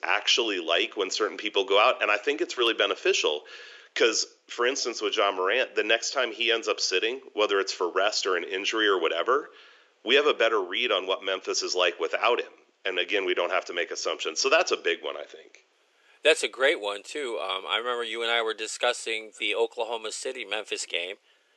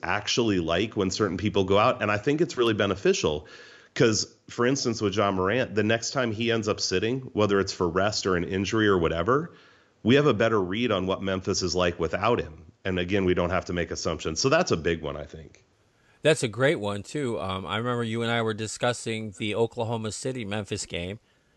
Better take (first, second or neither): second